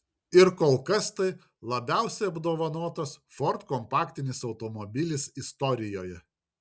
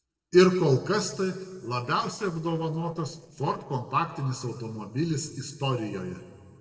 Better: first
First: none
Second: noise reduction (neural separator model SepFormer DNS4)

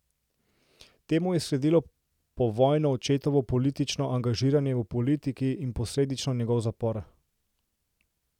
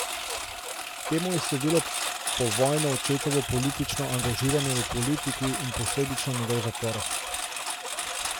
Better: first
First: none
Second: background sound (Engine); 2 dB below the speech

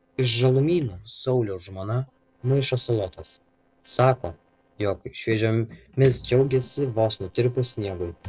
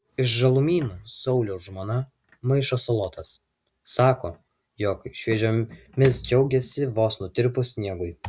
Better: second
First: noise reduction (neural separator model SepFormer DNS4)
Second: none

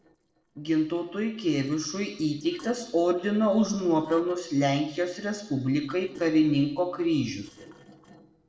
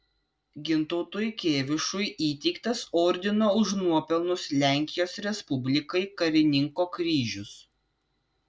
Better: second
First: noise reduction (neural separator model SepFormer DNS4)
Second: none

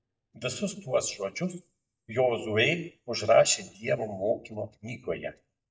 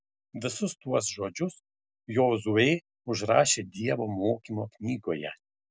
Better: second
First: noise reduction (neural mask model DeepFilterNet 3)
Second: none

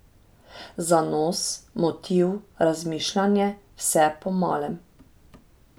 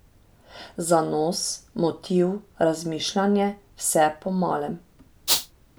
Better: first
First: none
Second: background sound (Rattle (instrument)); 1 dB above the speech

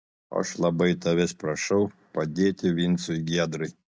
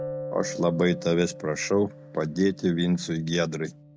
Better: first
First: none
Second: background sound (Keyboard (musical) + Electric guitar); 13 dB below the speech

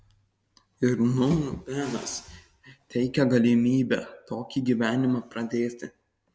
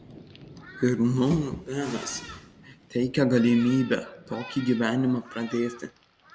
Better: first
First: none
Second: background sound (Thunderstorm); 19 dB below the speech

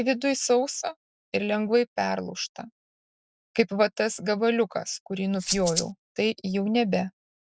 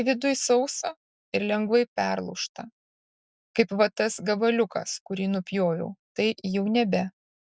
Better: second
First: noise reduction (neural separator model SepFormer DNS4)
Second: none

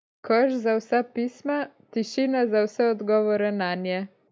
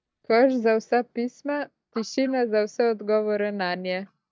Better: first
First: none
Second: noise reduction (neural mask model DeepFilterNet 3)

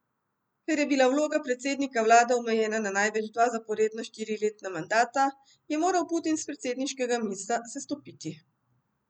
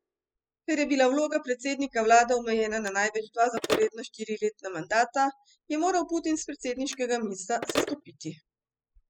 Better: first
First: none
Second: noise reduction (classical method spectral subtraction)

